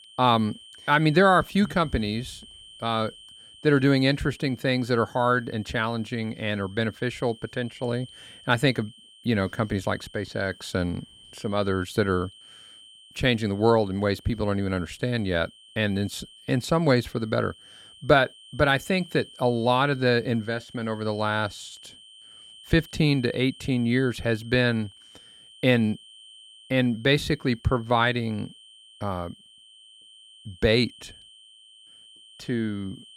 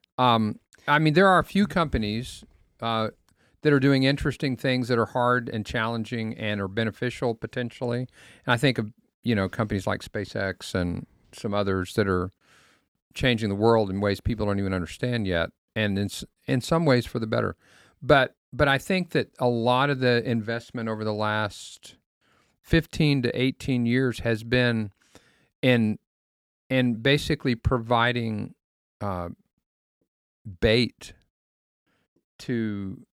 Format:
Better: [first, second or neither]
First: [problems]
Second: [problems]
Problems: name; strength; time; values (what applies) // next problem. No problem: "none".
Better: second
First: high-pitched whine; faint; throughout; 3 kHz, 20 dB below the speech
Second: none